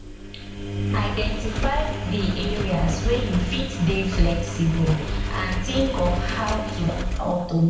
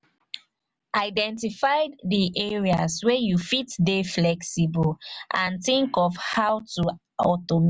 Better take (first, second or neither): second